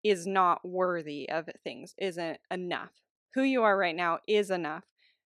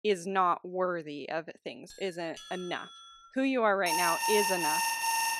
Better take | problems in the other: first | doorbell; faint; from 2 to 3.5 s; peak 15 dB below the speech // alarm; loud; from 4 s on; peak 3 dB above the speech

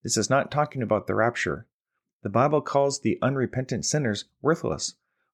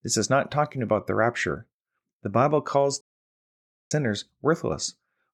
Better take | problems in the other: first | audio cutting out; at 3 s for 1 s

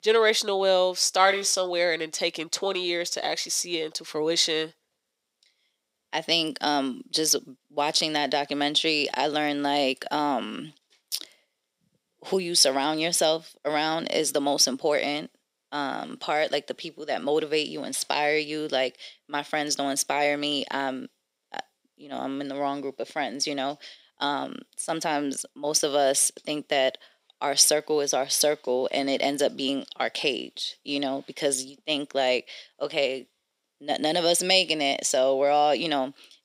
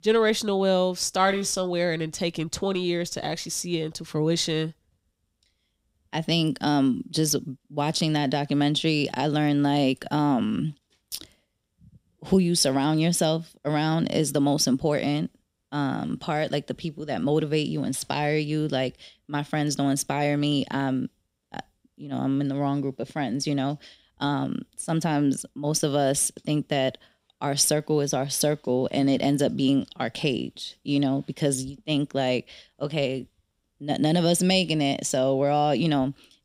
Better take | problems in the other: second | thin; somewhat; fading below 500 Hz

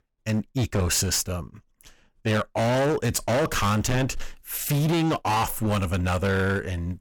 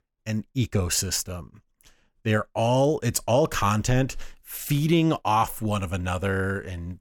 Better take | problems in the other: second | distortion; heavy; 21% of the sound clipped

